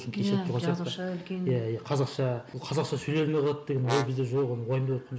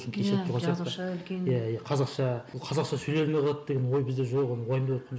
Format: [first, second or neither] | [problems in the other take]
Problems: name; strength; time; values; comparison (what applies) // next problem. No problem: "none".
second | background sound (Brass instrument); 10 dB below the speech